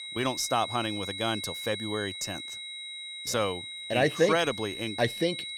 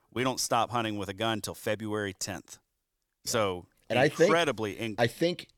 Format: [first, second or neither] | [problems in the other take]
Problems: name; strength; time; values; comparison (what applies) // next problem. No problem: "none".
second | high-pitched whine; loud; throughout; 4 kHz, 7 dB below the speech